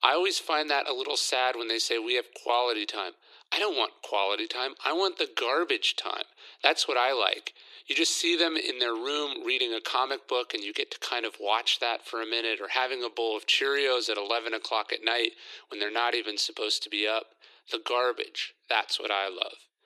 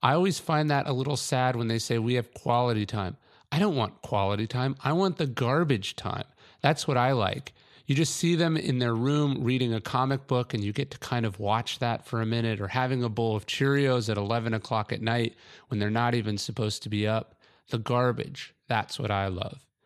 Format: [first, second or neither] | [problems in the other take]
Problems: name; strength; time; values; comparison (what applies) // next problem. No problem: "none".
second | thin; very; fading below 300 Hz